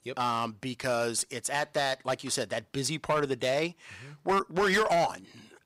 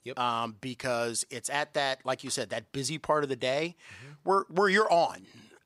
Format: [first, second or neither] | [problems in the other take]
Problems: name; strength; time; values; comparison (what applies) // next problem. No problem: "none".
second | distortion; slight; 5% of the sound clipped